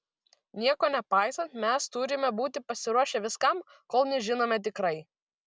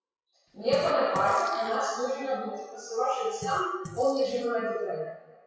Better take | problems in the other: first | noise reduction (classical method WPE with log-MMSE)

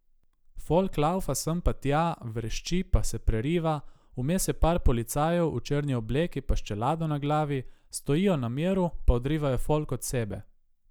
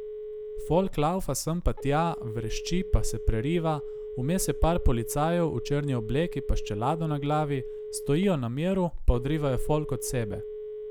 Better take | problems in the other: first | background sound (Telephone); 11 dB below the speech

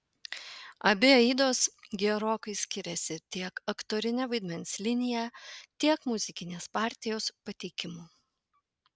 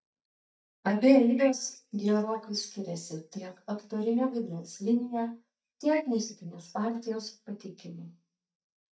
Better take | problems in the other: first | noise reduction (neural mask model DeepFilterNet 3)

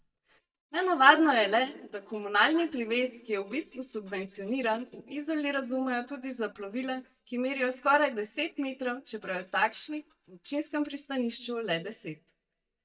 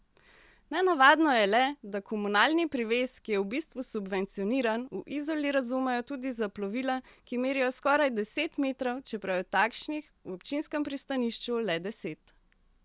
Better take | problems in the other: second | noise reduction (neural mask model DeepFilterNet 3)

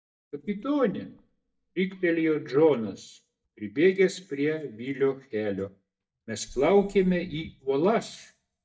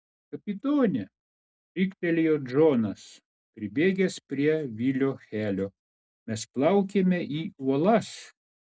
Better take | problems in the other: second | noise reduction (neural mask model DeepFilterNet 3)

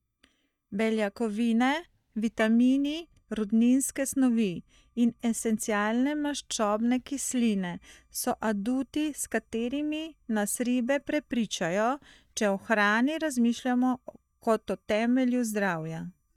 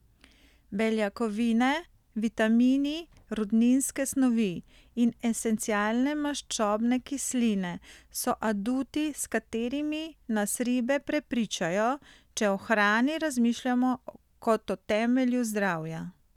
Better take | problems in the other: second | noise reduction (neural mask model DeepFilterNet 3)

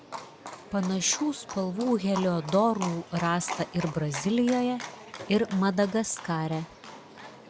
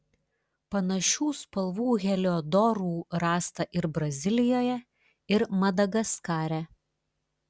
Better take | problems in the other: second | background sound (Livestock, farm animals, working animals); 13 dB below the speech

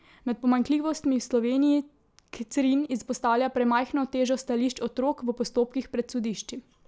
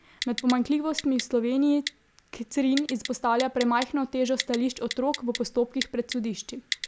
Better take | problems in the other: first | background sound (Typing); 12 dB below the speech

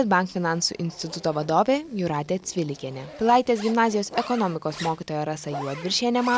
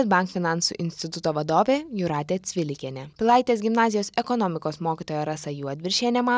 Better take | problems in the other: second | background sound (Zipper (clothing)); 16 dB below the speech

